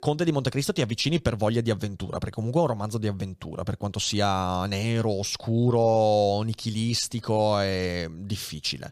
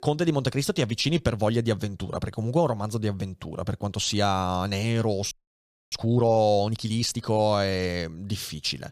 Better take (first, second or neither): first